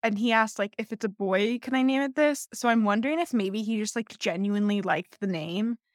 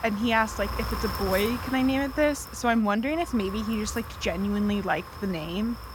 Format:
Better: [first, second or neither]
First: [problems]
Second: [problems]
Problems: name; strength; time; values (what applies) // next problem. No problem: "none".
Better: first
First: none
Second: wind noise on the microphone; heavy; 9 dB below the speech